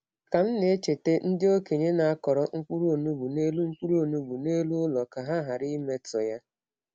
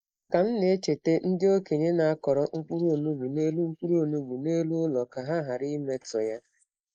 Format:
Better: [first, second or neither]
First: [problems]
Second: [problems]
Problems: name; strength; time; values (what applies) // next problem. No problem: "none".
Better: first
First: none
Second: noise reduction (neural mask model Resemble Enhance denoiser)